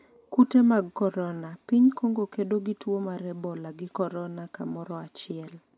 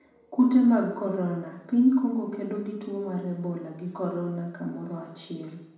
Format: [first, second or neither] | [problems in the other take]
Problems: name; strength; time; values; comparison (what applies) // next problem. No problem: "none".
first | room echo; dies away in 0.9 s